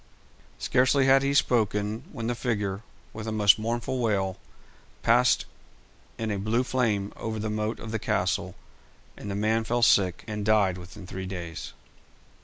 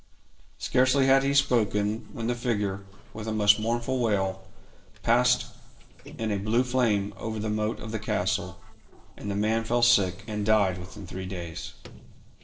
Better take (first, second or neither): first